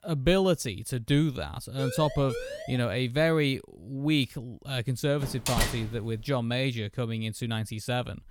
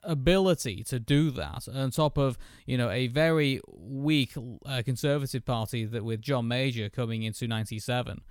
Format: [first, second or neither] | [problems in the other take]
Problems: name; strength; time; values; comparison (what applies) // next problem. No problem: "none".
second | siren; noticeable; at 2 s; peak 8 dB below the speech // door banging; loud; at 5 s; peak level with the speech